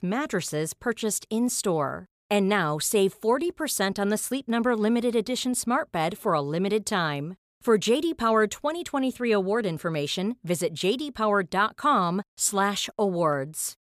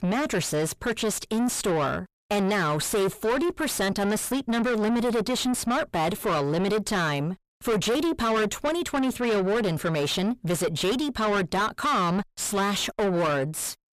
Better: first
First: none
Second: distortion; heavy; 5 dB below the speech

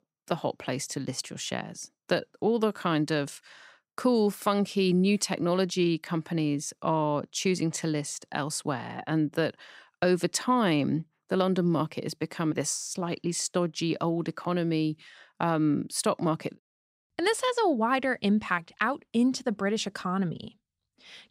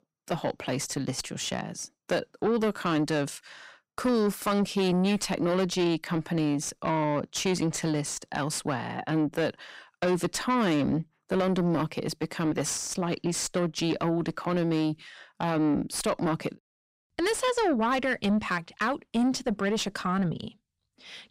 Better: first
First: none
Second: distortion; slight; 9 dB below the speech

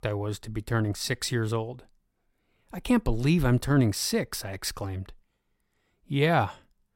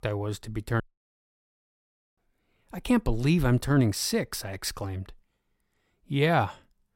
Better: first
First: none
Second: audio cutting out; at 1 s for 1.5 s

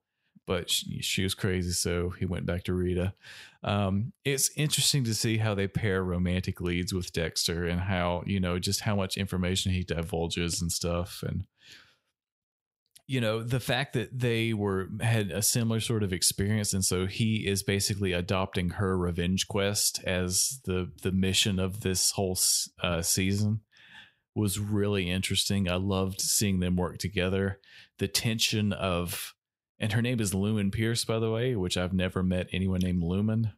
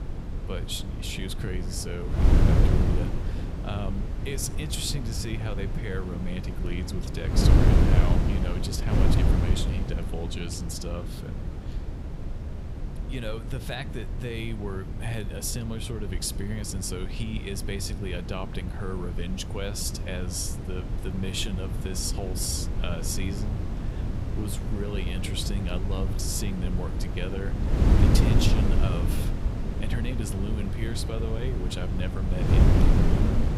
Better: first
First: none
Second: wind noise on the microphone; heavy; 2 dB below the speech

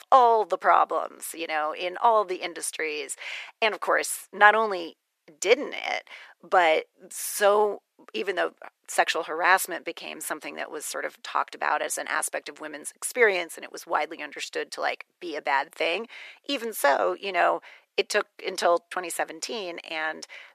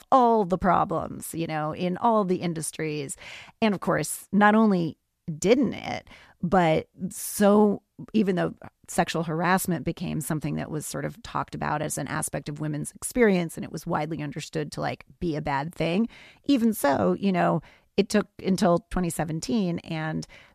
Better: second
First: thin; very; fading below 400 Hz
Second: none

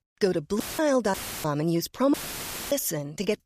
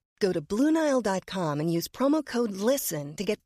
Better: second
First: audio cutting out; filled with static; at 0.5 s, at 1 s and at 2 s for 0.5 s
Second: none

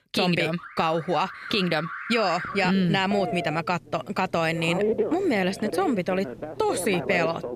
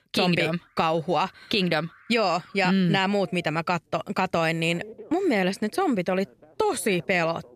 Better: second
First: alarms or sirens; loud; throughout; 7 dB below the speech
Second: alarms or sirens; faint; throughout; 25 dB below the speech

